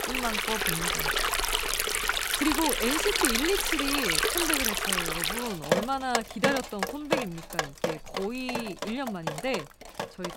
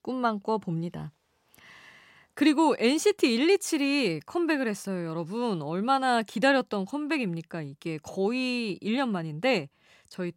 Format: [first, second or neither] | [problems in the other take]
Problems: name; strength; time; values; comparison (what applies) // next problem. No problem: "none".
second | rain or running water; very loud; throughout; 4 dB above the speech